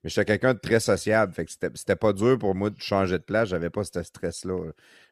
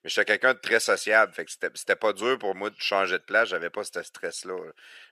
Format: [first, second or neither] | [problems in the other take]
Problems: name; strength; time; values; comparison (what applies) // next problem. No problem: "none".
first | thin; very; fading below 500 Hz